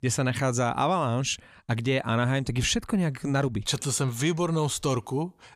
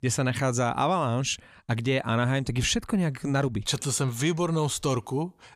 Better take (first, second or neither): neither